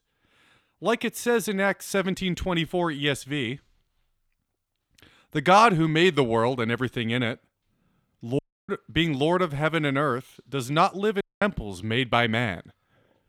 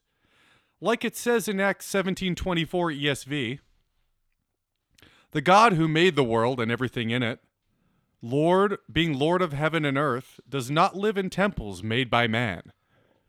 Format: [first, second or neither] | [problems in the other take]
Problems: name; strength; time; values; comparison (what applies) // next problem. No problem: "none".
second | audio cutting out; at 8.5 s and at 11 s